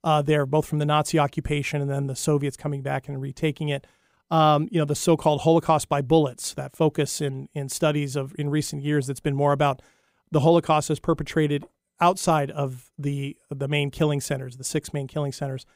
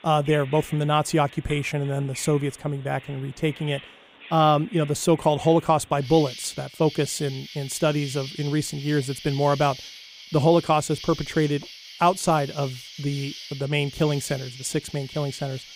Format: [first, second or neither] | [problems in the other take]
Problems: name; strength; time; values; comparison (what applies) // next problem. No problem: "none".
first | animal sounds; noticeable; throughout; 15 dB below the speech